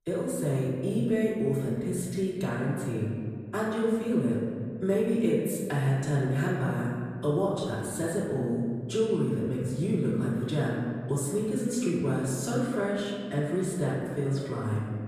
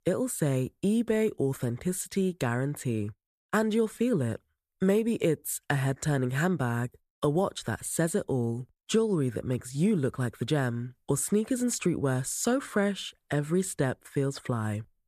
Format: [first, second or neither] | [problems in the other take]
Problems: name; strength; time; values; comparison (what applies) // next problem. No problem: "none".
second | off-mic speech; far // room echo; noticeable; dies away in 2.1 s